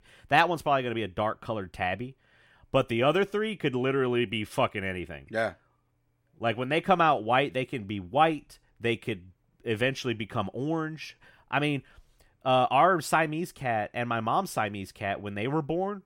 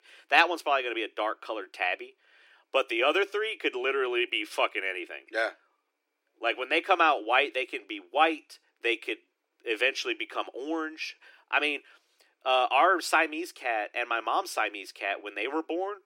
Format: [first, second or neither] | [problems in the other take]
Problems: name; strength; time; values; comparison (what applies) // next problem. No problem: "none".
first | thin; very; fading below 300 Hz